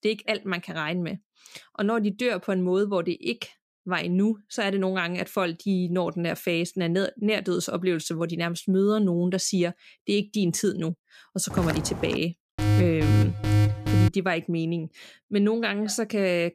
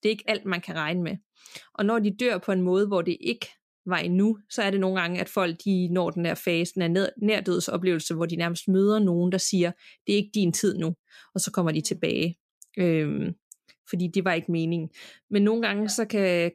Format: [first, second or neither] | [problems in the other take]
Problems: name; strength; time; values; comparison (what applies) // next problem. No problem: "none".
second | footsteps; noticeable; at 12 s; peak 4 dB below the speech // alarm; loud; from 13 to 14 s; peak 4 dB above the speech